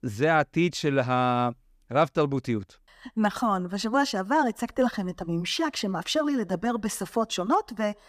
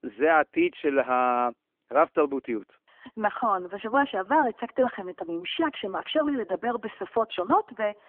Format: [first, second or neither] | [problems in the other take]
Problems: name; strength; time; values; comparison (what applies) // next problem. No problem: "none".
first | phone-call audio; nothing above 3.5 kHz